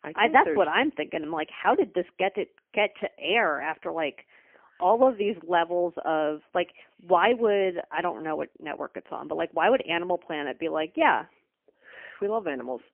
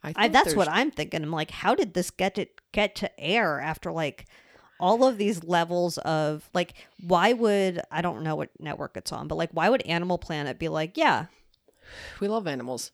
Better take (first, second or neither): second